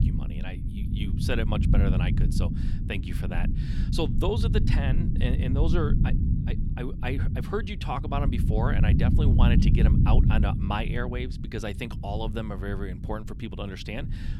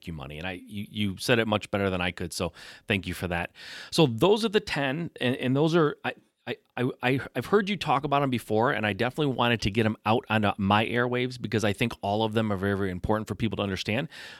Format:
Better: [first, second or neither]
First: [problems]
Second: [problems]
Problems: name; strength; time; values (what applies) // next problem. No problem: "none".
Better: second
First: low rumble; loud; throughout; 4 dB below the speech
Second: none